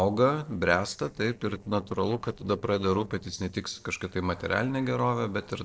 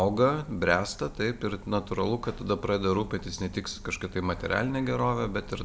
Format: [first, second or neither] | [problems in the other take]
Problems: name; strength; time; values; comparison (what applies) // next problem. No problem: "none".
second | noise reduction (neural separator model SepFormer DNS4)